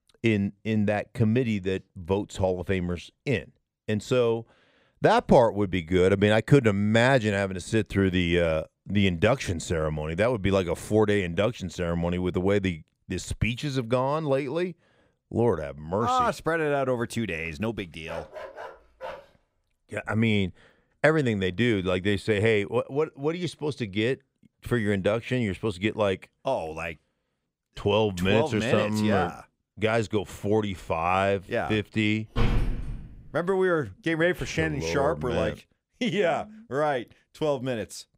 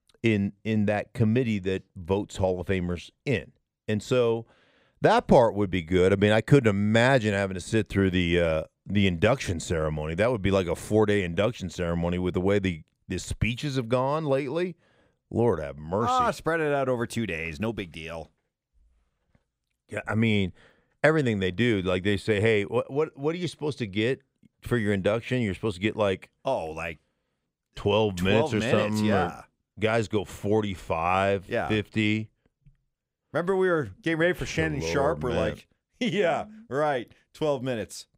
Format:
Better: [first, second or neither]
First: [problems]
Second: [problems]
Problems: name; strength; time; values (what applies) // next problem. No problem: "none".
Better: second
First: dog barking; faint; from 18 to 19 s; peak 15 dB below the speech // door banging; noticeable; at 32 s; peak 1 dB below the speech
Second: none